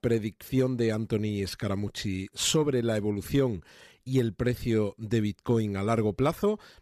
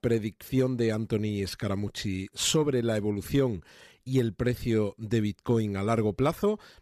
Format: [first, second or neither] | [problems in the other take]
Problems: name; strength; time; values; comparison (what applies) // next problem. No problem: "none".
neither | none